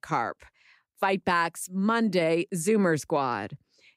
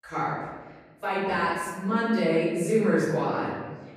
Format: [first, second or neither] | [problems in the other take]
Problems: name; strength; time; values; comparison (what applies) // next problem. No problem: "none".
first | off-mic speech; far // room echo; strong; dies away in 1.3 s